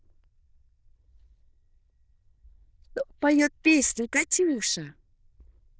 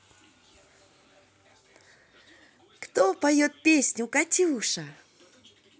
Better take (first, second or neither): second